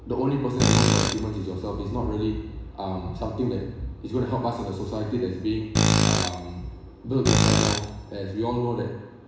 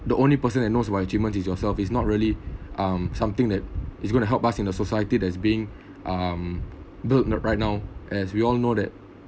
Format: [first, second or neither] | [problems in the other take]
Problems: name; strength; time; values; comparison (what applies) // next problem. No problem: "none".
second | background sound (Tools); 4 dB above the speech // room echo; dies away in 1 s